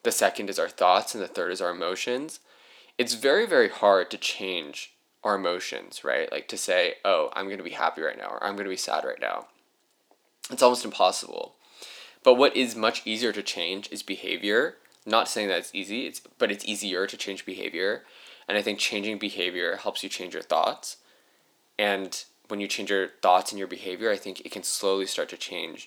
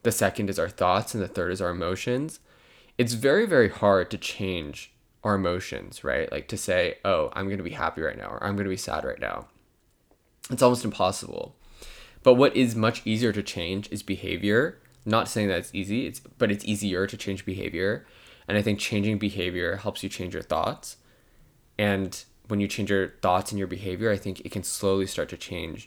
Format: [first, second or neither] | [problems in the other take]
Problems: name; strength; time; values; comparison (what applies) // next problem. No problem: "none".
second | thin; somewhat; fading below 300 Hz